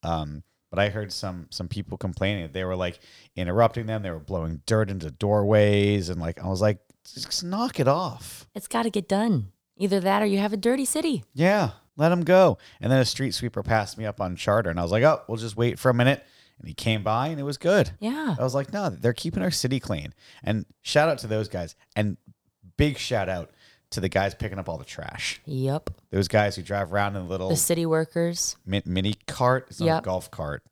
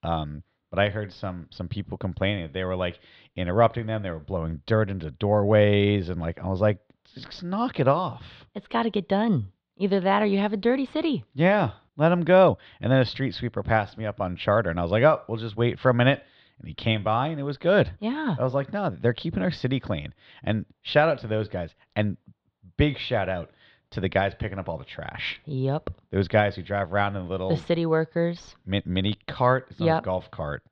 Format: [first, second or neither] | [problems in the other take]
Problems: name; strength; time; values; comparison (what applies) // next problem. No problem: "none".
first | muffled; slightly; fading above 3.5 kHz